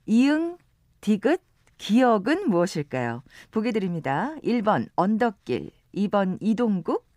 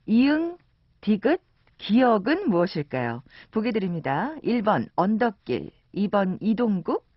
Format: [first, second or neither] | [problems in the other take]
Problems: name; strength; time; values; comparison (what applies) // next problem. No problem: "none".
first | garbled, watery; badly; nothing above 5.5 kHz